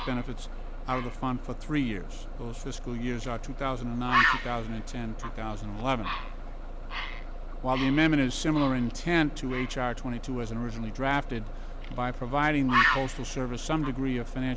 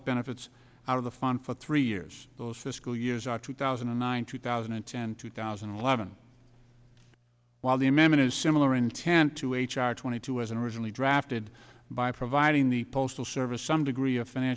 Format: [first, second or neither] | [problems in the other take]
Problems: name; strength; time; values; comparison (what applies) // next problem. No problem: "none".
second | background sound (Bus + Bird); 2 dB below the speech